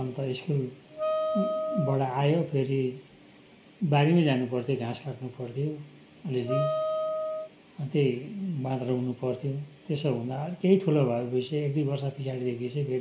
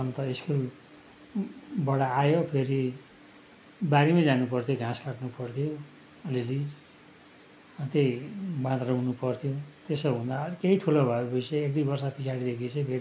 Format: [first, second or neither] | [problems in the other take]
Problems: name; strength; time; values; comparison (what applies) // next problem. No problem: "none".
second | background sound (Wind instrument, woodwind instrument); 2 dB below the speech // room echo; dies away in 0.5 s